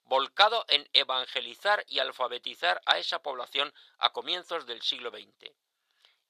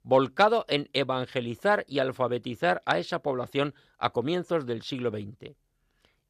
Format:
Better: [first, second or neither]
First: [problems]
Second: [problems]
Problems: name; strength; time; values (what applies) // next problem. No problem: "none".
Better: second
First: thin; very; fading below 850 Hz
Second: none